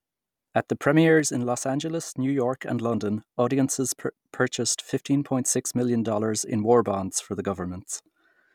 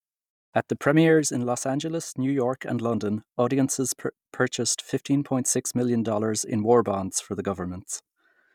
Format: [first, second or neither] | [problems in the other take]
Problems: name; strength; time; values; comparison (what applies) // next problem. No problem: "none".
first | noise reduction (neural mask model DeepFilterNet 3)